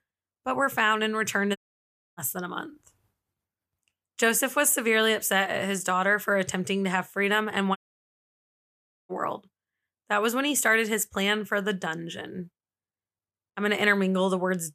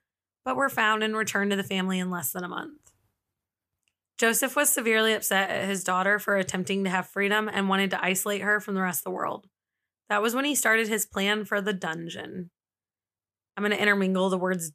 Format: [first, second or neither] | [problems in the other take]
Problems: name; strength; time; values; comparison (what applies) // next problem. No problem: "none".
second | audio cutting out; at 1.5 s for 0.5 s and at 8 s for 1.5 s